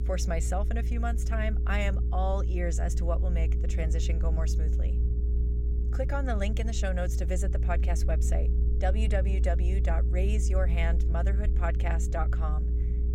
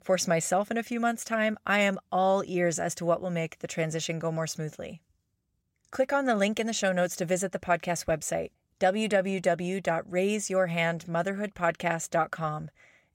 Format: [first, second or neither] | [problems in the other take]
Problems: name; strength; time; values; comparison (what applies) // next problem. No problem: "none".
second | low rumble; loud; throughout; 10 dB below the speech